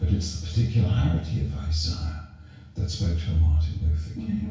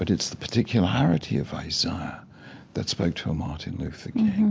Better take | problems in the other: second | room echo; dies away in 0.6 s

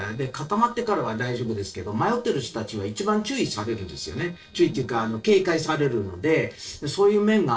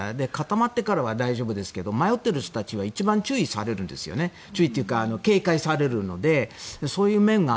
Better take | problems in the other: second | noise reduction (neural separator model SepFormer DNS4)

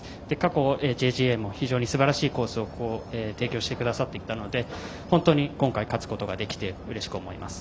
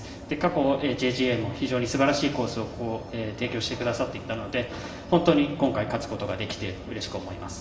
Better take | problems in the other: first | room echo; dies away in 1.9 s

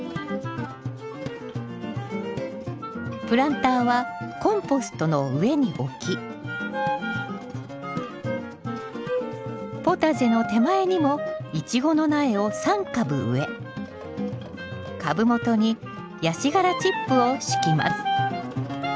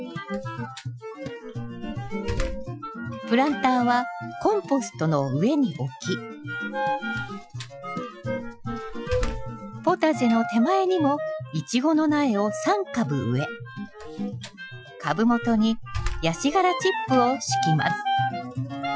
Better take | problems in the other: first | noise reduction (classical method Wiener filter)

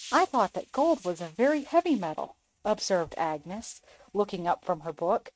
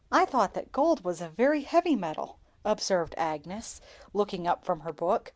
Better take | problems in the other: second | noise reduction (neural mask model RNNoise)

